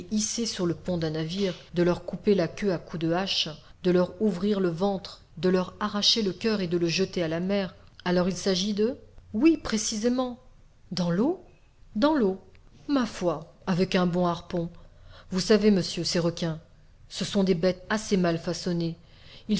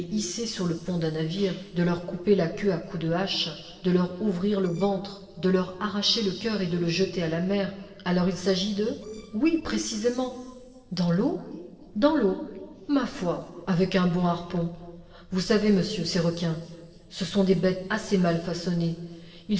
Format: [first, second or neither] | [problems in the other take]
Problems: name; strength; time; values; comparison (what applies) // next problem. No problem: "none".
first | noise reduction (neural separator model SepFormer DNS4)